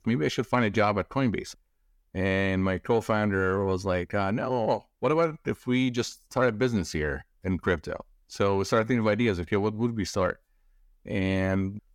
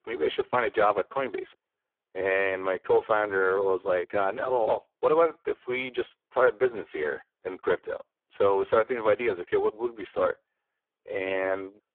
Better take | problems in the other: first | phone-call audio; poor line

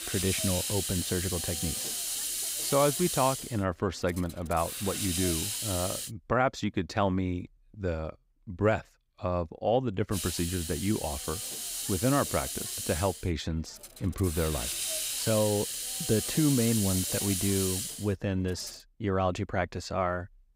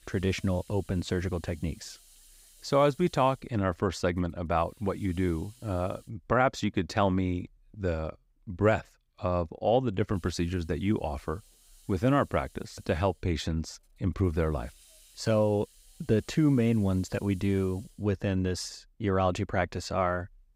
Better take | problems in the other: second | hiss; loud; until 6 s and from 10 to 19 s; 1 dB below the speech; faint in the second

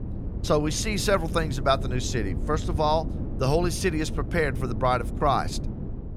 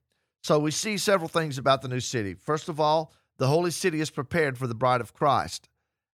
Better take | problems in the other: second | wind noise on the microphone; occasional gusts; 15 dB below the speech

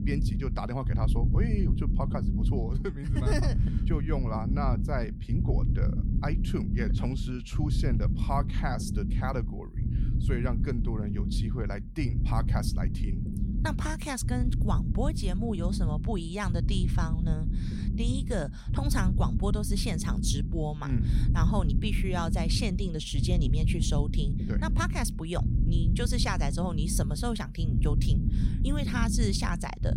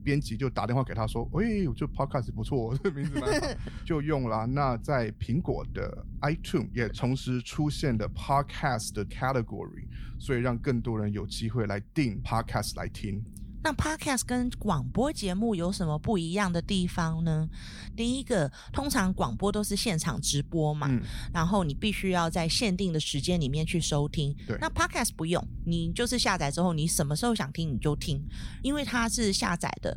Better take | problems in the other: second | low rumble; loud; throughout; 6 dB below the speech; faint in the second

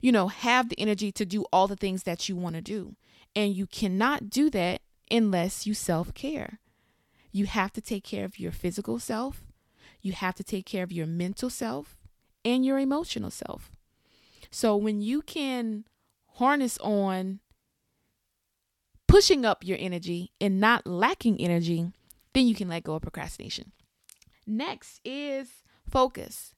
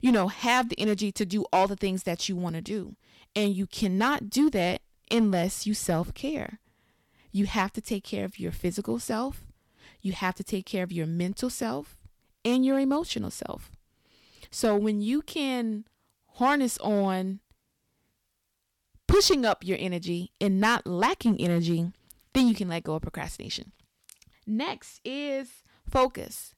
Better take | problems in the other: first | distortion; slight; 1.8% of the sound clipped

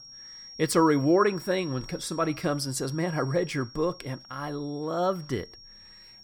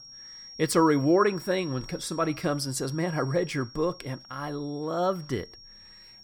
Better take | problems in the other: neither | high-pitched whine; noticeable; throughout; 5.5 kHz, 15 dB below the speech; the same in both

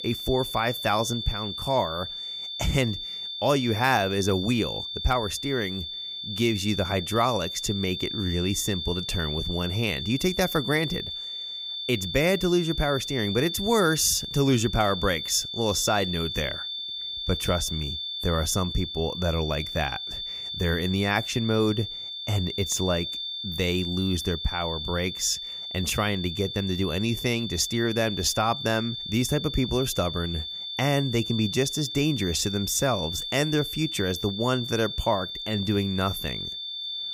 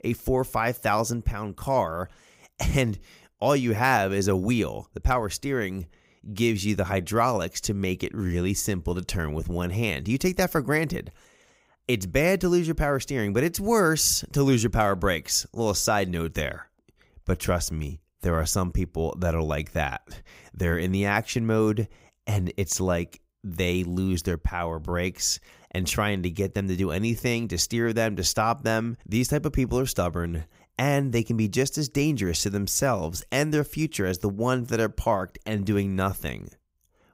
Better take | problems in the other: second | high-pitched whine; loud; throughout; 3.5 kHz, 5 dB below the speech

